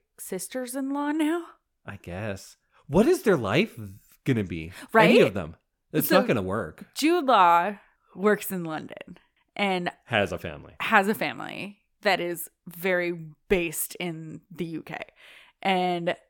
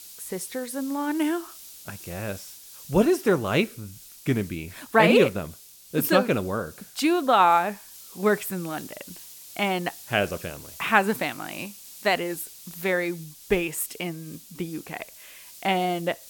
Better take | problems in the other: first | hiss; noticeable; throughout; 20 dB below the speech

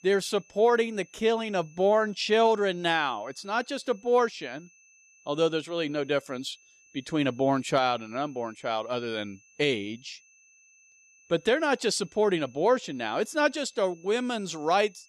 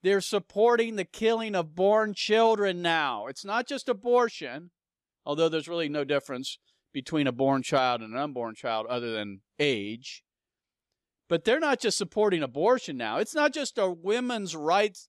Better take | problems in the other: second | high-pitched whine; faint; throughout; 2.5 kHz, 30 dB below the speech

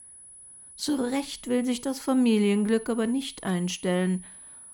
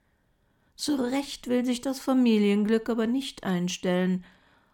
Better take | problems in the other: second | high-pitched whine; noticeable; throughout; 10 kHz, 15 dB below the speech

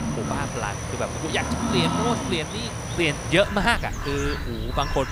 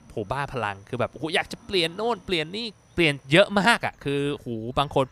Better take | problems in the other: second | animal sounds; loud; throughout; 2 dB below the speech; faint in the second

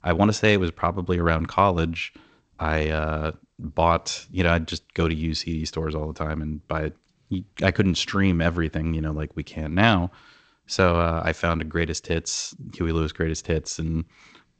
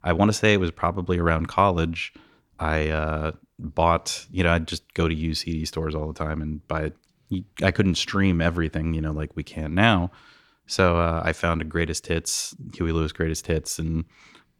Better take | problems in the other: second | garbled, watery; slightly; nothing above 7.5 kHz

